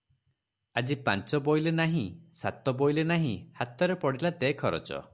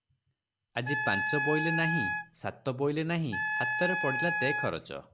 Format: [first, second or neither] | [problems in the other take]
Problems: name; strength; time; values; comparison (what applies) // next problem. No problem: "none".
first | background sound (Wind instrument, woodwind instrument); 1 dB above the speech